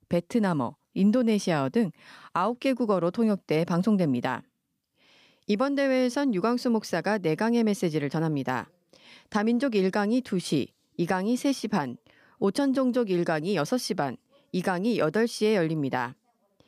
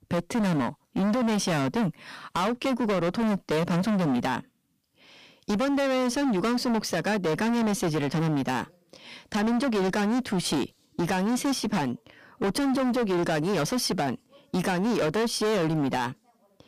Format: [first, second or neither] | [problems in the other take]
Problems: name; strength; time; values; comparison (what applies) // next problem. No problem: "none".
first | distortion; heavy; 30% of the sound clipped